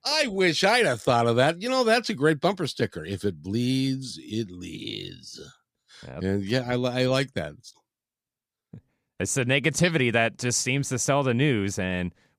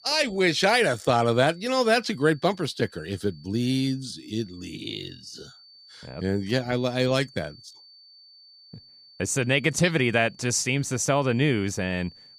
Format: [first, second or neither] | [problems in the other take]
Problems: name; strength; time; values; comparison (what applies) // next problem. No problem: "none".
first | high-pitched whine; faint; throughout; 4.5 kHz, 25 dB below the speech